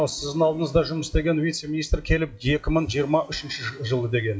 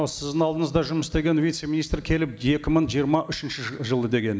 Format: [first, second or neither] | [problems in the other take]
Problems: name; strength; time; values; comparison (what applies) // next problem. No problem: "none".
second | noise reduction (classical method WPE with log-MMSE)